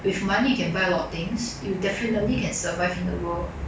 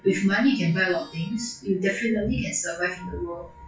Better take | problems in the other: first | noise reduction (classical method WPE with log-MMSE)

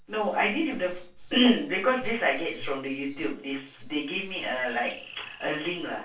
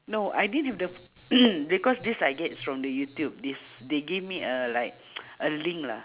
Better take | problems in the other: second | noise reduction (neural separator model SepFormer DNS4)

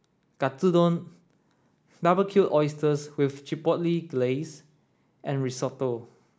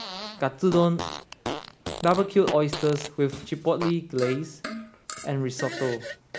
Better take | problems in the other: first | background sound (Fart); 10 dB below the speech

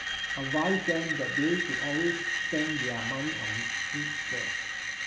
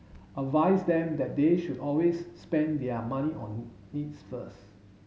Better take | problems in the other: second | background sound (Screech); 1 dB above the speech

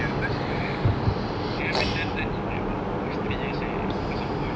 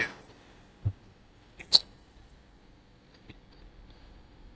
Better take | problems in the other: first | noise reduction (neural mask model DeepFilterNet 3)

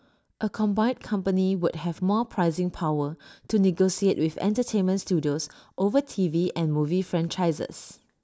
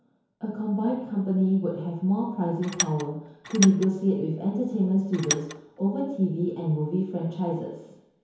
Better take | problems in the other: first | background sound (Tools); 7 dB below the speech // room echo; dies away in 1 s

